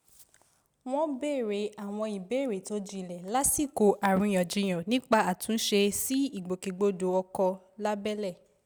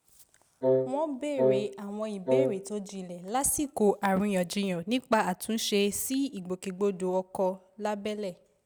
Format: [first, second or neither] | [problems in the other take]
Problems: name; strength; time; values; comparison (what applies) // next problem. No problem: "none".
first | background sound (Wind instrument, woodwind instrument); 2 dB above the speech